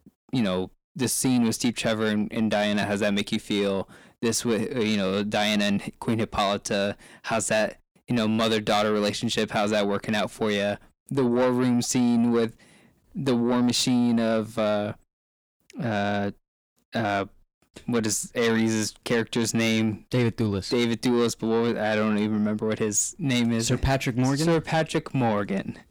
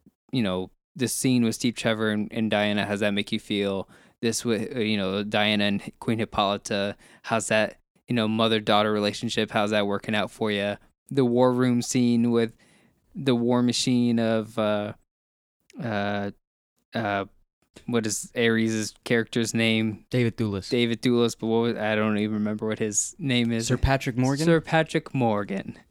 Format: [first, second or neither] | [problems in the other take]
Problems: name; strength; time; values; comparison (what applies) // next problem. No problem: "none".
second | distortion; slight; 10 dB below the speech